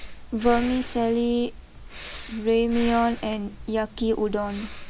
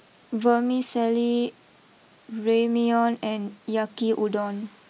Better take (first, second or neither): second